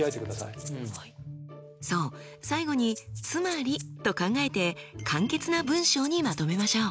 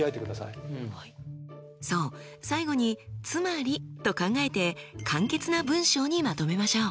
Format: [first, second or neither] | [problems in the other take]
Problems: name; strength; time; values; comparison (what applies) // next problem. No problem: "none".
second | background sound (Rattle (instrument)); 17 dB below the speech